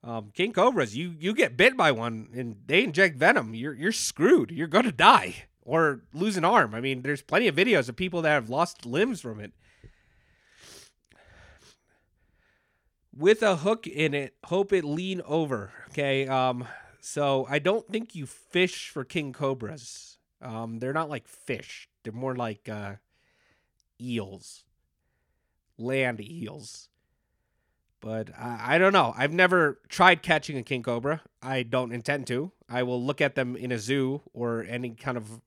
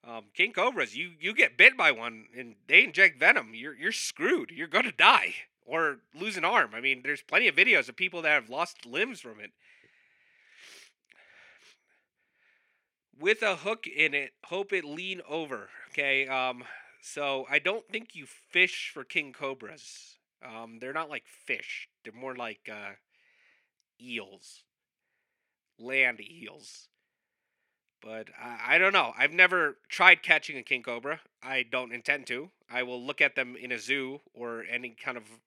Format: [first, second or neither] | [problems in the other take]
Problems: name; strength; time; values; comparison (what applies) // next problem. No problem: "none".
first | thin; somewhat; fading below 300 Hz